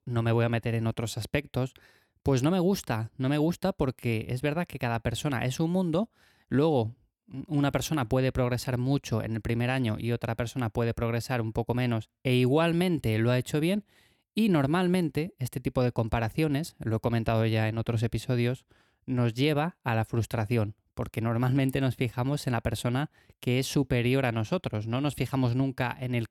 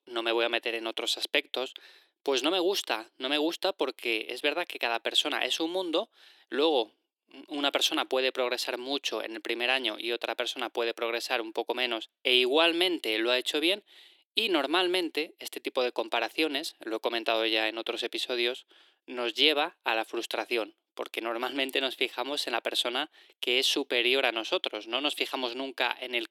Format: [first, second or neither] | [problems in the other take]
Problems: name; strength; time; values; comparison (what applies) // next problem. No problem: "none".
first | thin; very; fading below 350 Hz